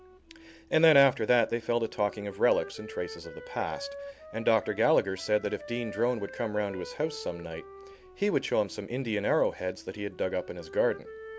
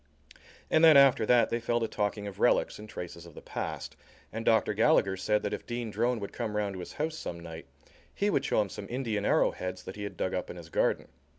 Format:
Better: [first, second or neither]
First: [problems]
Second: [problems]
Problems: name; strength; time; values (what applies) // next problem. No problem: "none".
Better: second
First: background sound (Wind instrument, woodwind instrument); 17 dB below the speech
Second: none